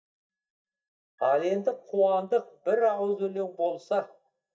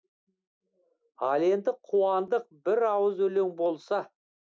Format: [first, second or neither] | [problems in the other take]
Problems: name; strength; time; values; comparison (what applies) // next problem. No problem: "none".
second | noise reduction (neural mask model DeepFilterNet 3)